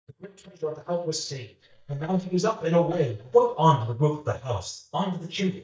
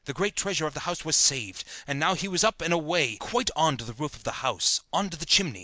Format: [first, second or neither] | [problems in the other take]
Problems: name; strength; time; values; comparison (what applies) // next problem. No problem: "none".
second | noise reduction (neural mask model DeepFilterNet 3)